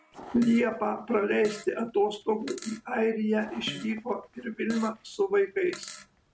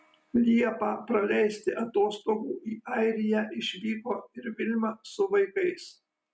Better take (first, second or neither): second